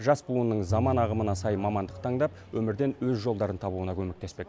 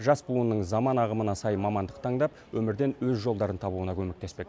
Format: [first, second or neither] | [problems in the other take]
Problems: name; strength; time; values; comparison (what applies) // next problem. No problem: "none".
second | background sound (Tabla); 10 dB below the speech